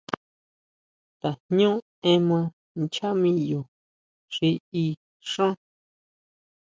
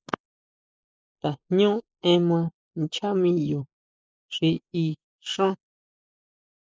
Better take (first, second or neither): first